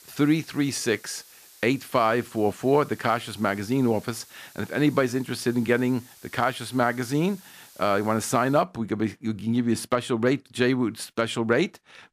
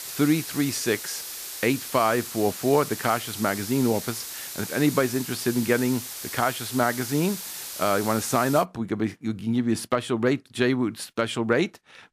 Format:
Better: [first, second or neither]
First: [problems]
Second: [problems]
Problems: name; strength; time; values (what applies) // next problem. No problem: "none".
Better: first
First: hiss; faint; until 8.5 s; 25 dB below the speech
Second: hiss; loud; until 8.5 s; 8 dB below the speech